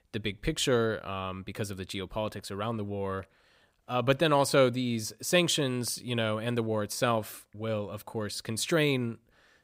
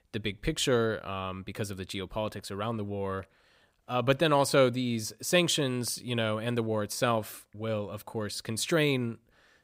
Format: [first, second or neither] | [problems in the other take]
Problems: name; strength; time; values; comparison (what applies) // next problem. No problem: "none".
neither | none